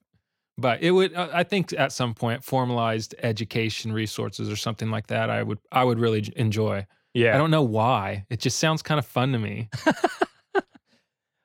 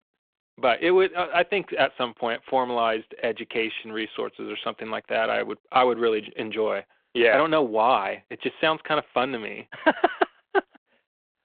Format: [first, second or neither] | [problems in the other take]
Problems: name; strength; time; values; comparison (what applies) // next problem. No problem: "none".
first | phone-call audio